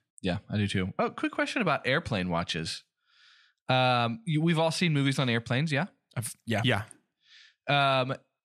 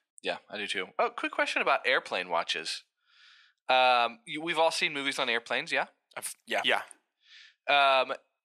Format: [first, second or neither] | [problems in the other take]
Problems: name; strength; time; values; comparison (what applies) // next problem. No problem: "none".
first | thin; very; fading below 400 Hz